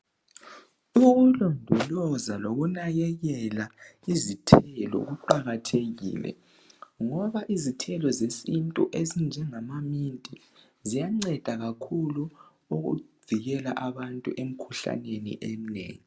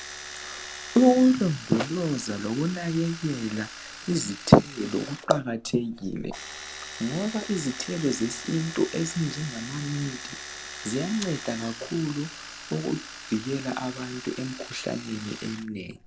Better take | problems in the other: first | background sound (Domestic sounds, home sounds); 13 dB below the speech

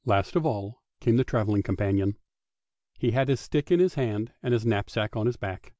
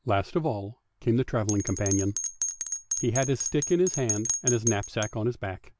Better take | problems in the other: first | background sound (Bell); 6 dB below the speech

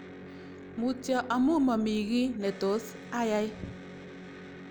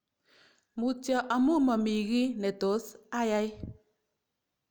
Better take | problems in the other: second | background sound (Electric guitar); 14 dB below the speech

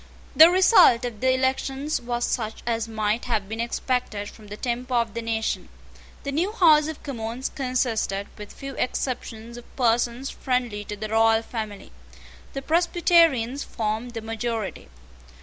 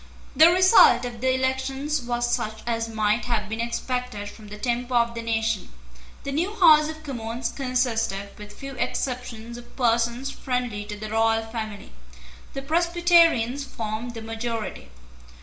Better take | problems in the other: first | room echo; dies away in 0.4 s

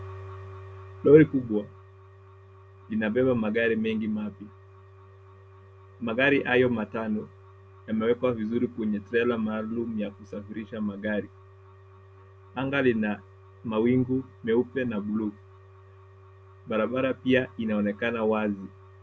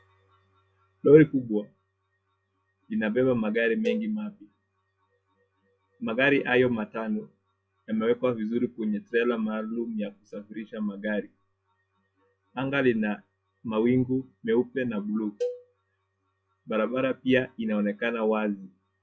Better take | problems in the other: first | noise reduction (classical method log-MMSE)

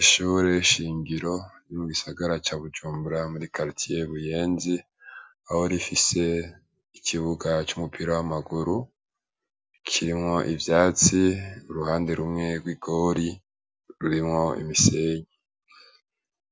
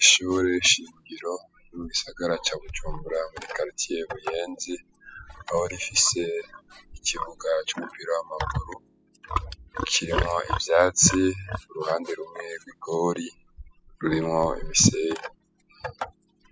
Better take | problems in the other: first | noise reduction (classical method spectral subtraction)

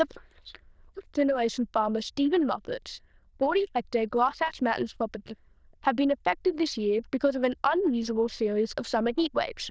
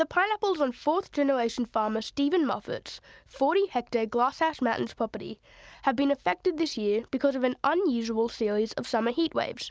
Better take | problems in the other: second | noise reduction (neural diffusion model UNIVERSE++)

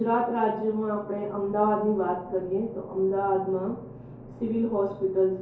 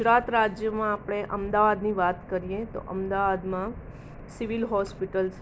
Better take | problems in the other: second | room echo; dies away in 2.4 s

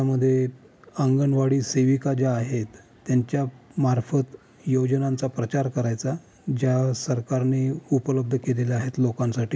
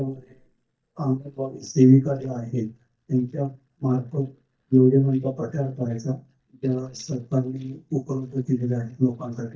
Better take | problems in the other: first | noise reduction (neural mask model DeepFilterNet 3)

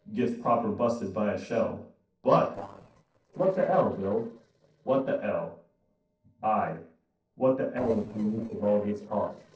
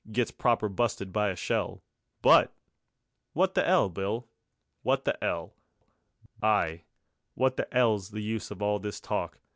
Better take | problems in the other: second | noise reduction (neural separator model SepFormer DNS4)

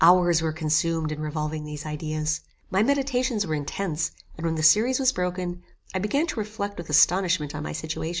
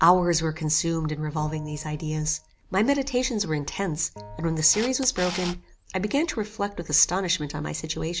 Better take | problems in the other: first | background sound (Bell + Camera); 18 dB below the speech

